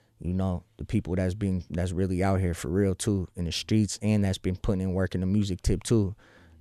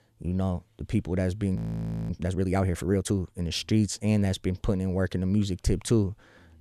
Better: first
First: none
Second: audio freezing; at 1.5 s for 0.5 s

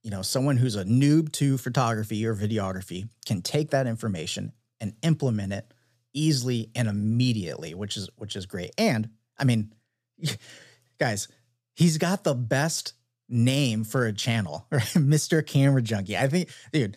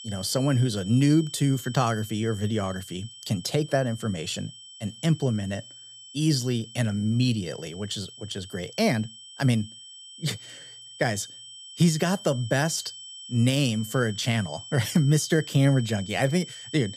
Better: first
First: none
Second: high-pitched whine; noticeable; throughout; 3 kHz, 15 dB below the speech

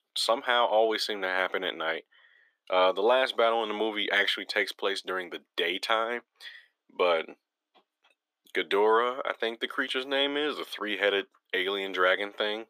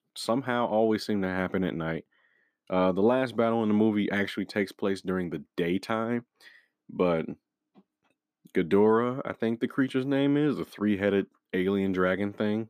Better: second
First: thin; very; fading below 500 Hz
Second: none

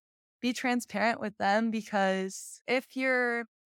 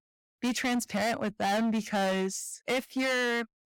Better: first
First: none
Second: distortion; heavy; 22% of the sound clipped

